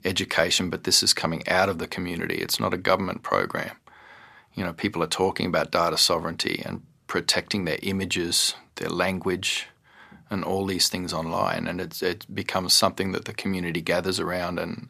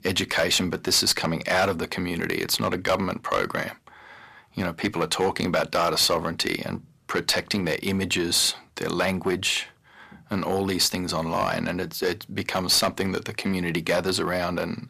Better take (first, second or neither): first